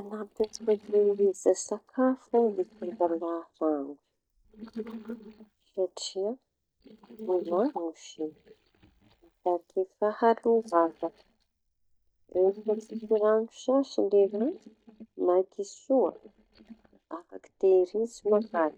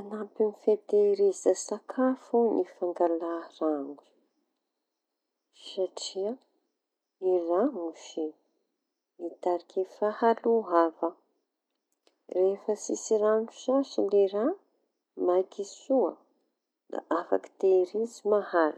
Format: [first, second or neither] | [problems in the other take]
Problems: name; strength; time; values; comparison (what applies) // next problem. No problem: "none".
second | noise reduction (neural mask model DeepFilterNet 3)